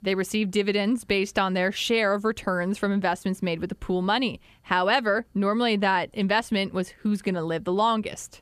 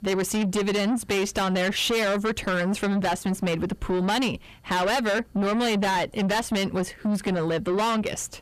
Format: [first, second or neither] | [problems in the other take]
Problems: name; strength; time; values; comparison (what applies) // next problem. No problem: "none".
first | distortion; heavy; 7 dB below the speech